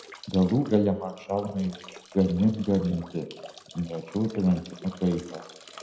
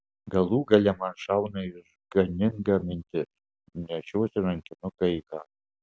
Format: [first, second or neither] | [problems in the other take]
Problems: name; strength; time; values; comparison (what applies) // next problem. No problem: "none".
second | background sound (Drip / Trickle, dribble / Bathtub (filling or washing)); 20 dB below the speech // room echo; dies away in 0.8 s